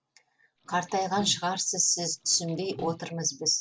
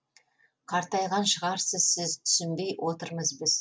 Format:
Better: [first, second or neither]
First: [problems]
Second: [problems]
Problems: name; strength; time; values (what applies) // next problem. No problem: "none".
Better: second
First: background sound (Liquid); 15 dB below the speech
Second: none